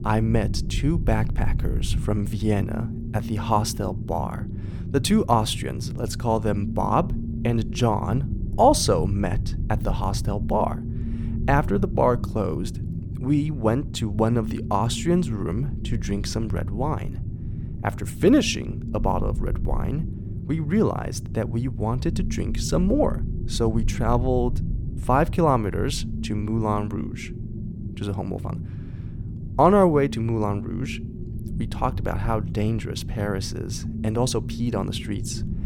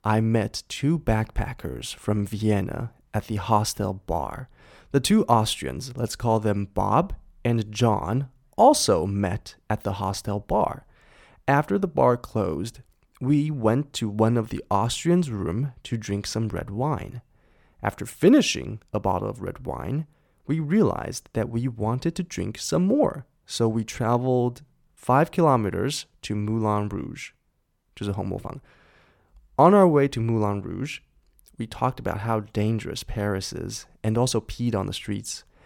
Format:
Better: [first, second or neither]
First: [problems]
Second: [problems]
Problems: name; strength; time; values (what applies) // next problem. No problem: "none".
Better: second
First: low rumble; noticeable; throughout; 15 dB below the speech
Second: none